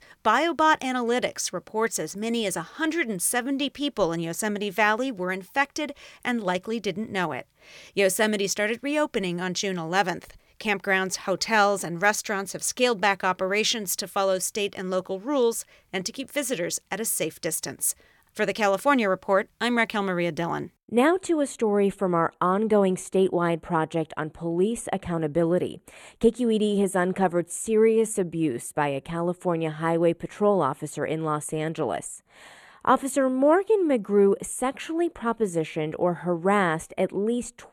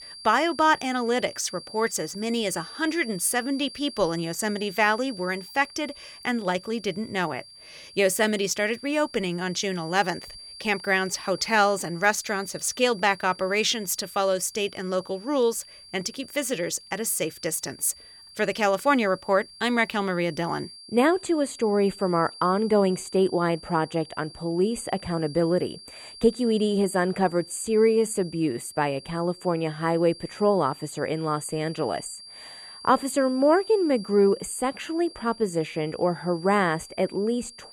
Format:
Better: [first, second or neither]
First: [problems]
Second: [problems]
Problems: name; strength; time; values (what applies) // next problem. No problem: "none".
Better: first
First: none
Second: high-pitched whine; noticeable; throughout; 4.5 kHz, 15 dB below the speech